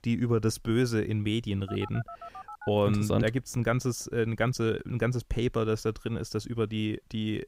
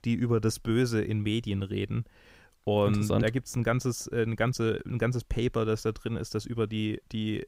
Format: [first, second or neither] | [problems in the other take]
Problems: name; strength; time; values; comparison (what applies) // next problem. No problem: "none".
second | phone ringing; faint; from 1.5 to 2.5 s; peak 15 dB below the speech